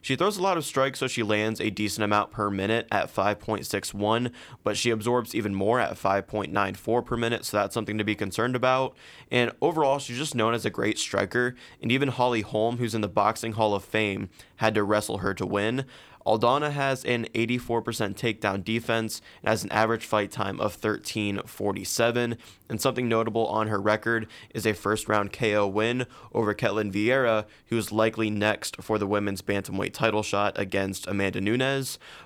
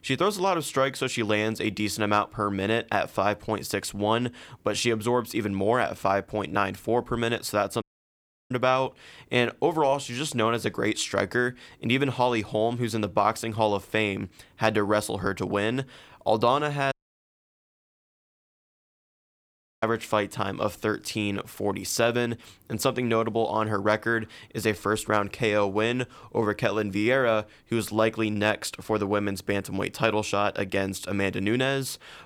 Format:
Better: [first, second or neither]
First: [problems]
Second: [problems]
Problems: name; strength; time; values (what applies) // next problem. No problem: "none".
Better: first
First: none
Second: audio cutting out; at 8 s for 0.5 s and at 17 s for 3 s